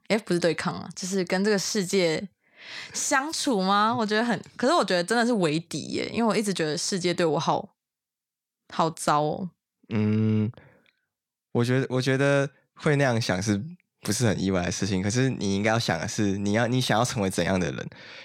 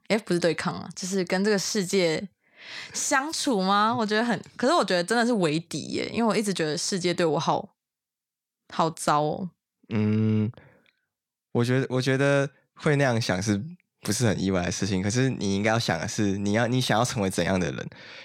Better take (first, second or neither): neither